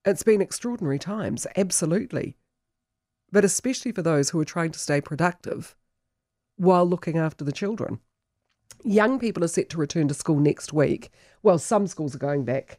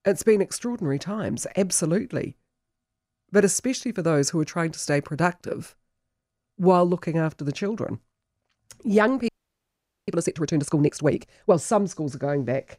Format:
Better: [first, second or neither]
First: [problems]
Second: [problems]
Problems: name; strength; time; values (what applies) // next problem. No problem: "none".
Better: first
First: none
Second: audio freezing; at 9.5 s for 1 s